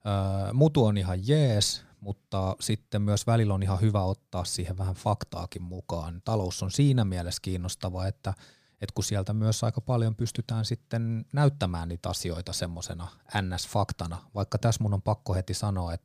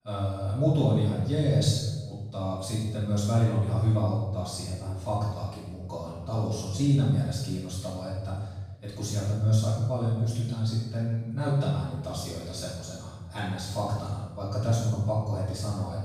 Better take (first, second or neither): first